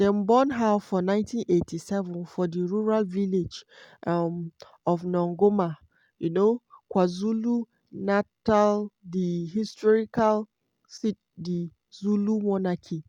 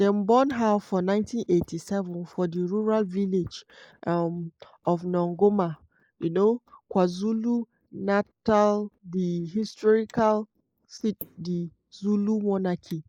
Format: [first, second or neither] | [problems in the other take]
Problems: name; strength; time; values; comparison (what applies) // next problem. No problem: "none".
first | noise reduction (neural mask model Resemble Enhance denoiser)